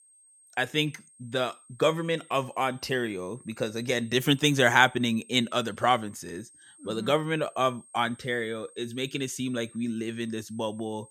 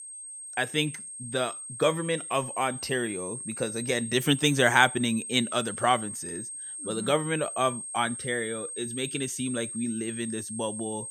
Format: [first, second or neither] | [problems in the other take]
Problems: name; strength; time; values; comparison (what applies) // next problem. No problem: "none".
first | high-pitched whine; loud; throughout; 8.5 kHz, 7 dB below the speech; faint in the first